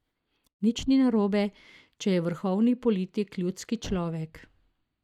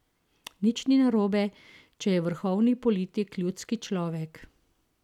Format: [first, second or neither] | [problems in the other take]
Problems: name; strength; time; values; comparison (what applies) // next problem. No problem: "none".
second | noise reduction (neural mask model DeepFilterNet 3)